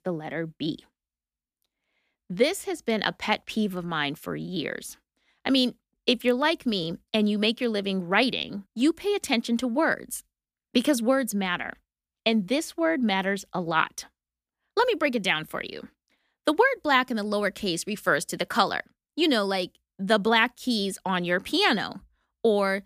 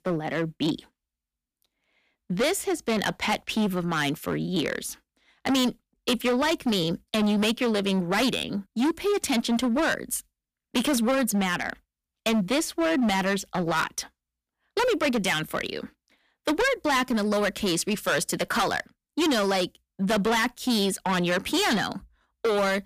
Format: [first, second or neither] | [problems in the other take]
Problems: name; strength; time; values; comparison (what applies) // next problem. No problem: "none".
first | distortion; heavy; 15% of the sound clipped